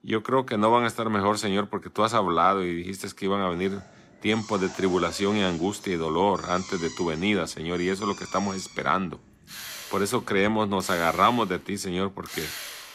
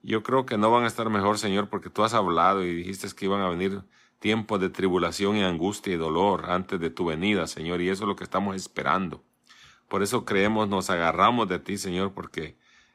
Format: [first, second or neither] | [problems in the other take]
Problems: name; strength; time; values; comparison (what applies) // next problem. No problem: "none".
second | machinery noise; noticeable; from 3.5 s on; 15 dB below the speech